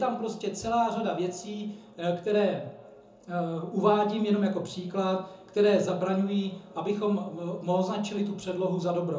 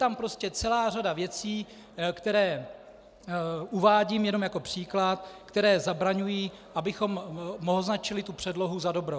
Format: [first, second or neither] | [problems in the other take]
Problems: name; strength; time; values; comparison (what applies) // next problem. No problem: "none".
second | room echo; dies away in 0.6 s